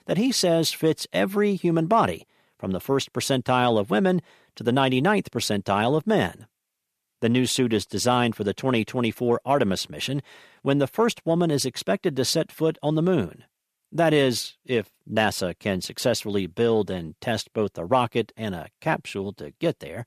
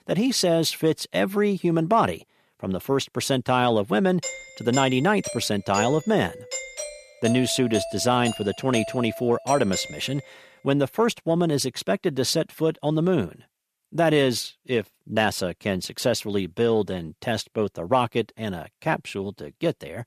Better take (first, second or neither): first